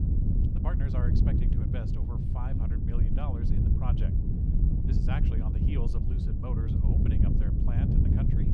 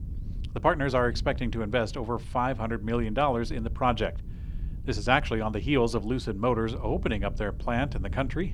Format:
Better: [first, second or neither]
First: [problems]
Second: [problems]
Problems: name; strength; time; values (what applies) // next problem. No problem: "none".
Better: second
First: wind noise on the microphone; heavy; 4 dB above the speech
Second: wind noise on the microphone; occasional gusts; 25 dB below the speech